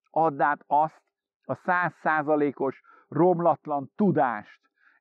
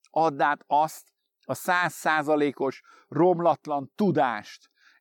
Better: second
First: muffled; very; fading above 1.5 kHz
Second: none

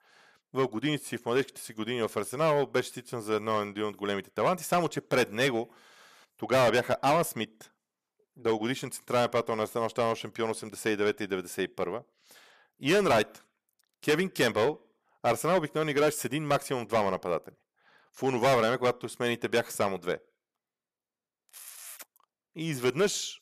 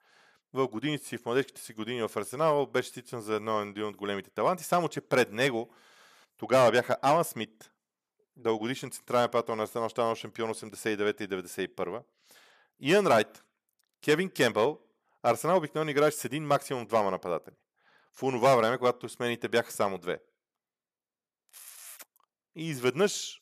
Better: second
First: distortion; slight; 5% of the sound clipped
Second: none

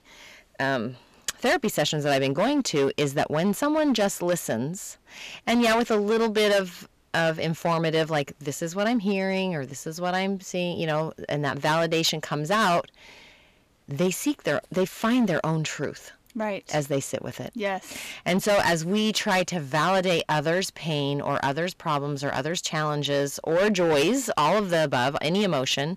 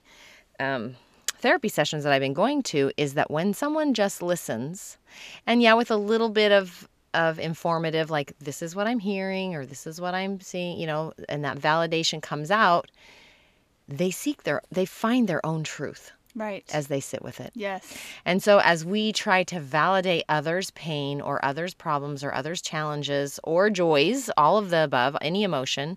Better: second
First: distortion; heavy; 9% of the sound clipped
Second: none

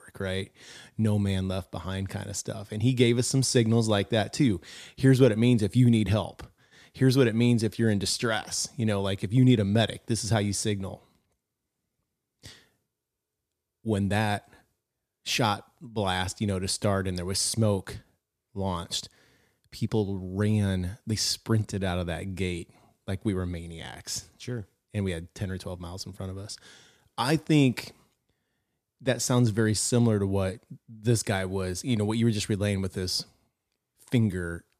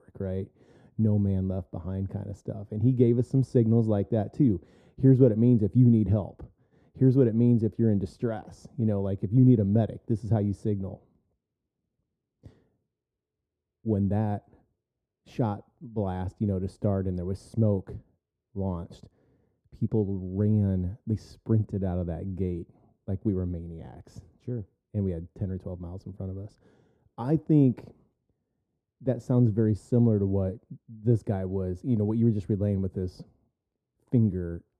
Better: first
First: none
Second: muffled; very; fading above 1 kHz

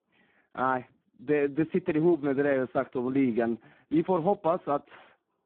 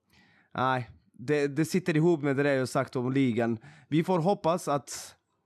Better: second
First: phone-call audio; poor line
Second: none

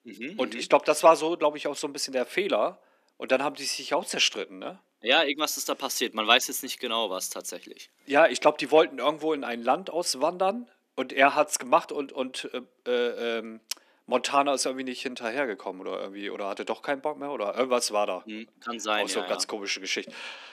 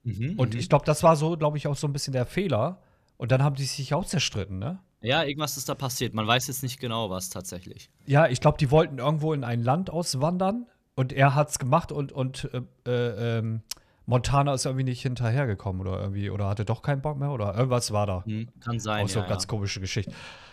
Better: second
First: thin; somewhat; fading below 250 Hz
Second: none

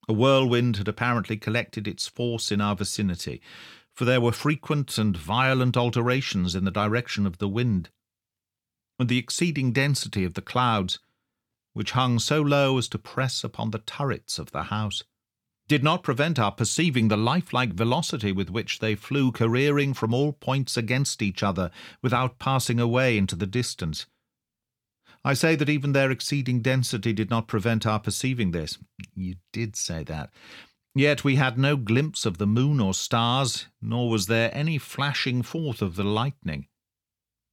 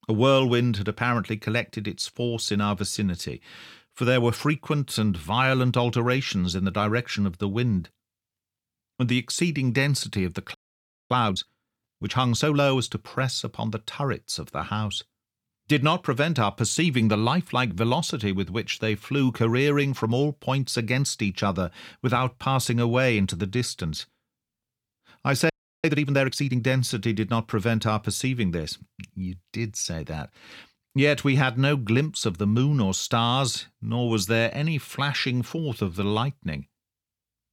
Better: first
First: none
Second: audio freezing; at 11 s for 0.5 s and at 26 s

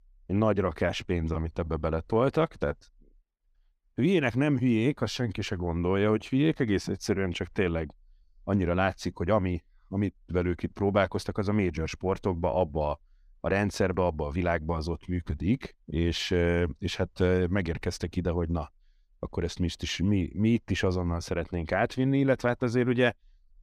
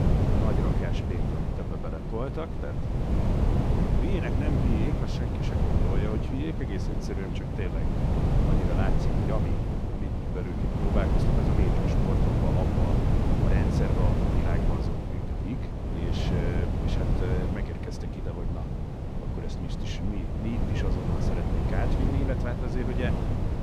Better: first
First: none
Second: wind noise on the microphone; heavy; 3 dB above the speech

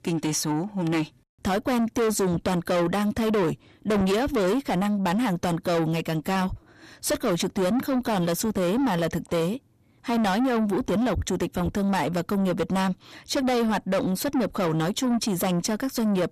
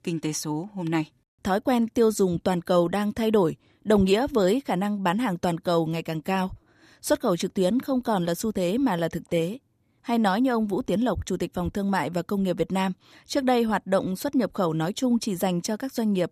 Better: second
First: distortion; heavy; 8 dB below the speech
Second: none

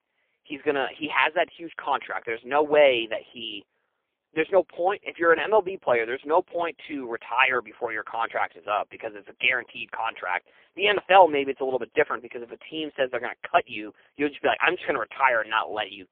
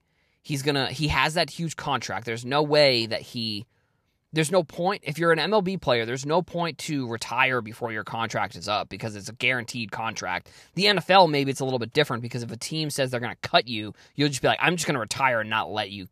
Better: second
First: phone-call audio; poor line; nothing above 3 kHz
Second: none

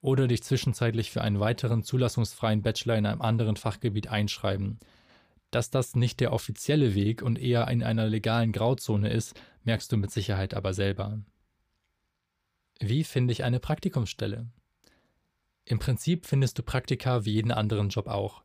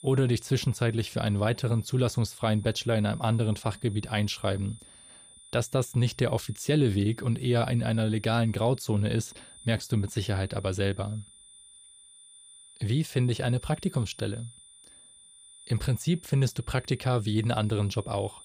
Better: first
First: none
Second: high-pitched whine; faint; throughout; 9.5 kHz, 20 dB below the speech

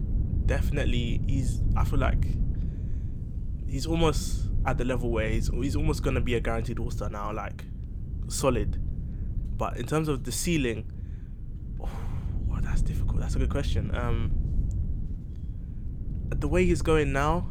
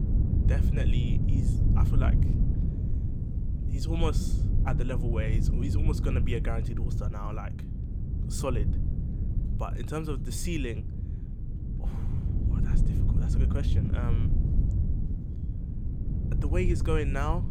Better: first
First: wind noise on the microphone; occasional gusts; 15 dB below the speech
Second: wind noise on the microphone; heavy; 5 dB below the speech

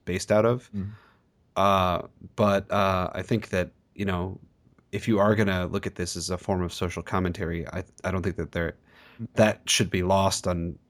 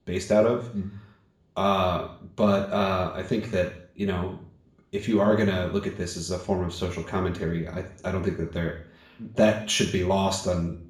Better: first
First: none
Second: room echo; slight; dies away in 0.5 s // off-mic speech; somewhat distant

